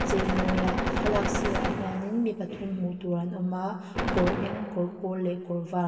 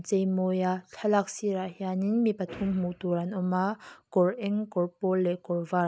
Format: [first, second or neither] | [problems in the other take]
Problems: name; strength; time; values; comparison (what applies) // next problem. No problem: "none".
second | background sound (Gunshot, gunfire); 1 dB below the speech // room echo; dies away in 2.8 s